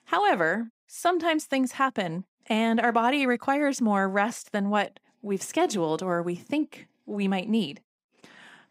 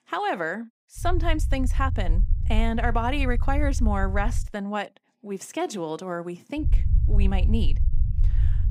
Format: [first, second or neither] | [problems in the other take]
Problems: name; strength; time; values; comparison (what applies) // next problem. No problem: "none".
first | low rumble; noticeable; from 1 to 4.5 s and from 6.5 s on; 15 dB below the speech